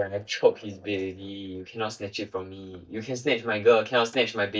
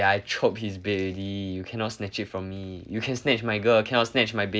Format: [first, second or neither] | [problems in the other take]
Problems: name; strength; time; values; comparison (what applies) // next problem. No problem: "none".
second | noise reduction (neural mask model DeepFilterNet 3)